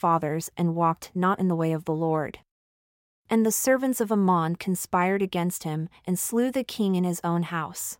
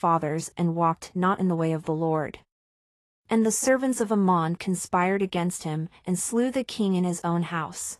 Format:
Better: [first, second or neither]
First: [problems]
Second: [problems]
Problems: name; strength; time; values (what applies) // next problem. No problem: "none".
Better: first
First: none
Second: garbled, watery; slightly; nothing above 11.5 kHz